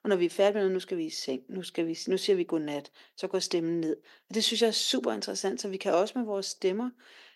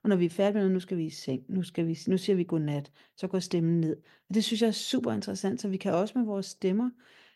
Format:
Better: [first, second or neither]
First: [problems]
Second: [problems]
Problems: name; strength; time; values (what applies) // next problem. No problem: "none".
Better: second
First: thin; somewhat; fading below 300 Hz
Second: none